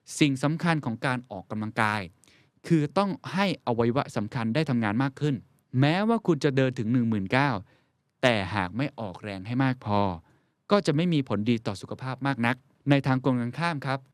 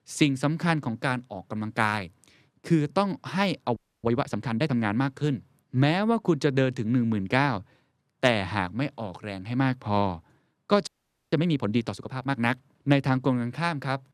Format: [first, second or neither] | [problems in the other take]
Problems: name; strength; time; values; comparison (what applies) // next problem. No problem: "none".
first | audio freezing; at 4 s and at 11 s